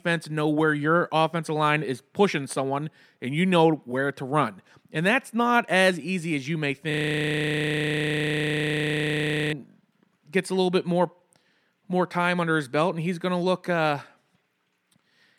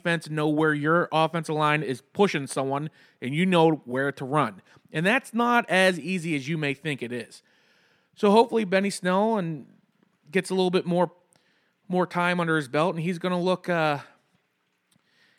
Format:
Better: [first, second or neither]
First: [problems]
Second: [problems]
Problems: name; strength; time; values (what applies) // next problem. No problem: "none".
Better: second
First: audio freezing; at 7 s for 2.5 s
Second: none